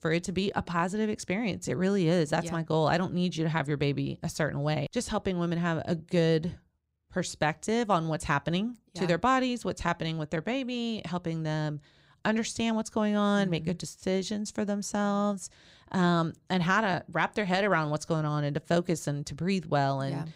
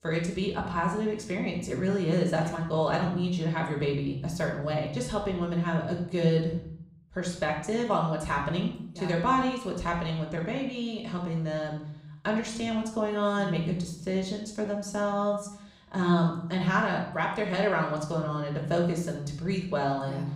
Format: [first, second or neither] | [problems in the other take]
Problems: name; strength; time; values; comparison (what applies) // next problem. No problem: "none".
first | off-mic speech; somewhat distant // room echo; noticeable; dies away in 0.6 s